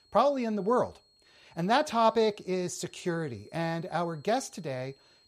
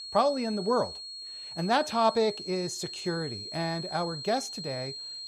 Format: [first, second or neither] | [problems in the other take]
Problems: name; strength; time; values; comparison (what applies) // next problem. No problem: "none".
first | high-pitched whine; loud; throughout; 4 kHz, 8 dB below the speech; faint in the first